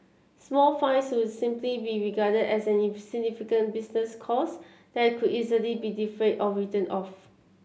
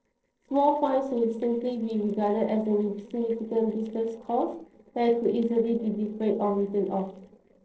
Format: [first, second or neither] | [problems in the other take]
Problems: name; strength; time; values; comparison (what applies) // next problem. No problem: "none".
first | noise reduction (neural separator model SepFormer DNS4)